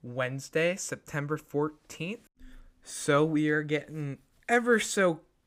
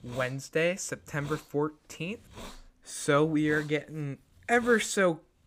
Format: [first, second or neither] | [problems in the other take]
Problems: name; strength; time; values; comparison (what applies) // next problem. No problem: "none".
first | hiss; noticeable; throughout; 20 dB below the speech